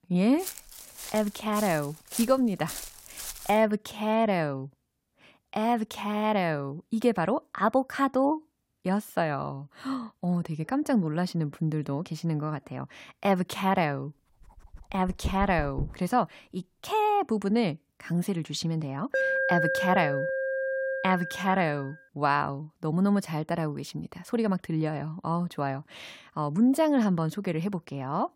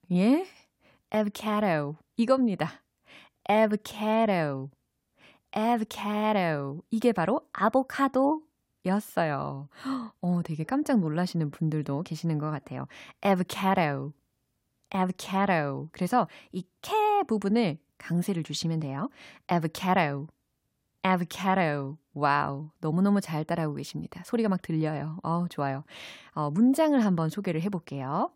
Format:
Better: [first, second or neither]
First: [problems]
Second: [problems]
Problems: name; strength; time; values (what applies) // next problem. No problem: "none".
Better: second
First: footsteps; noticeable; until 3.5 s; peak 7 dB below the speech // dog barking; noticeable; from 15 to 16 s; peak 8 dB below the speech // alarm; loud; from 19 to 22 s; peak 3 dB above the speech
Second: none